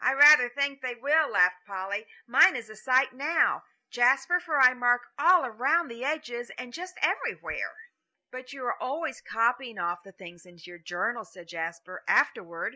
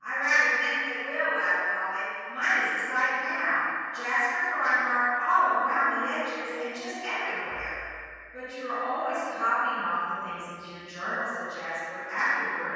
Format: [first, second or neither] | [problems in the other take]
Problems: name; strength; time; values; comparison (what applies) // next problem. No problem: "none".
first | room echo; dies away in 2.1 s